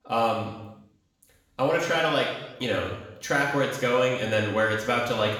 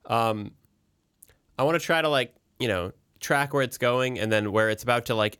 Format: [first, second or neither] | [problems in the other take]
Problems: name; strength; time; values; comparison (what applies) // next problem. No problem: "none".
second | room echo; noticeable; dies away in 0.9 s // off-mic speech; far